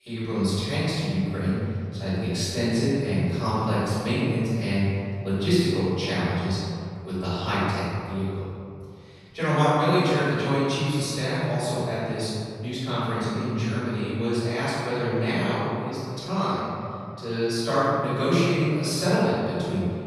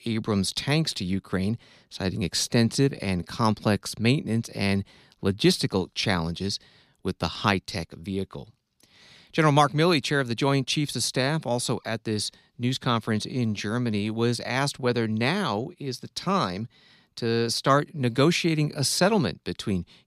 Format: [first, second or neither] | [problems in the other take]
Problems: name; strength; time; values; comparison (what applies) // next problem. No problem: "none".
second | off-mic speech; far // room echo; strong; dies away in 2.3 s